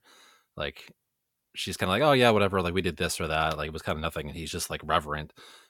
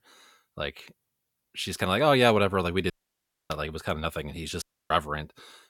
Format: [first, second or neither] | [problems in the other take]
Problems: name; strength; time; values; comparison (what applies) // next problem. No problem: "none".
first | audio cutting out; at 3 s for 0.5 s and at 4.5 s